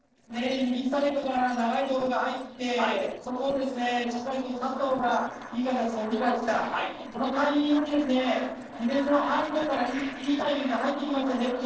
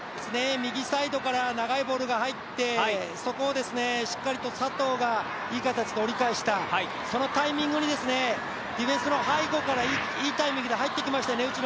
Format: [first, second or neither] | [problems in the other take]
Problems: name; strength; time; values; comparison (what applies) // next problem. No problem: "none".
second | noise reduction (neural separator model SepFormer DNS4)